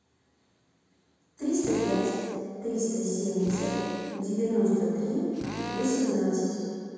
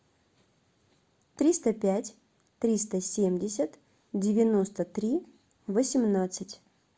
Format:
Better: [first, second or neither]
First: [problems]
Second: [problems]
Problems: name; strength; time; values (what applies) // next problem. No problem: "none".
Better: second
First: background sound (Drill); 11 dB below the speech // room echo; dies away in 2.1 s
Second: none